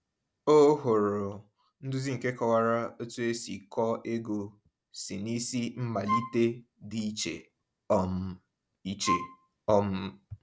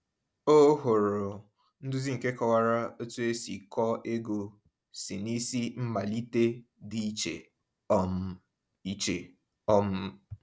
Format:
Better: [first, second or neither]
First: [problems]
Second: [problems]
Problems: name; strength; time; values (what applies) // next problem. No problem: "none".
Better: second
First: background sound (Wind instrument, woodwind instrument); 3 dB below the speech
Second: none